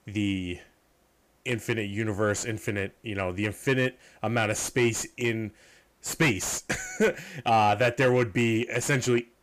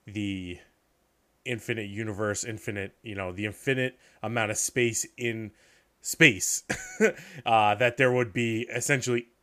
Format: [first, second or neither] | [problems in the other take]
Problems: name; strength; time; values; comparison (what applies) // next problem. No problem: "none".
second | distortion; heavy; 7 dB below the speech